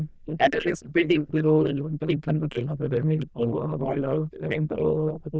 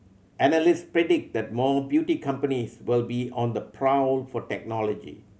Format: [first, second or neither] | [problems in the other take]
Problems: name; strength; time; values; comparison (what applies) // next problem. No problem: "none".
second | noise reduction (neural diffusion model UNIVERSE++)